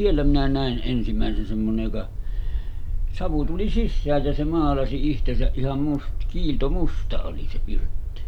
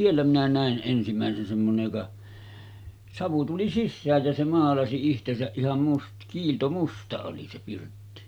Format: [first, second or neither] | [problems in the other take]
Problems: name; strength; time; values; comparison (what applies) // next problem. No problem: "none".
second | background sound (Bark); 4 dB above the speech